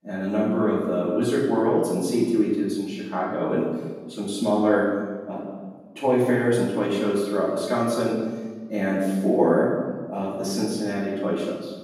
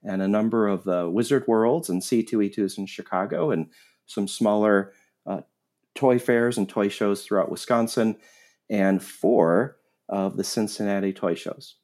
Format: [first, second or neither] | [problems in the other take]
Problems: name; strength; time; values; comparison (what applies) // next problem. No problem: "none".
second | off-mic speech; far // room echo; noticeable; dies away in 1.2 s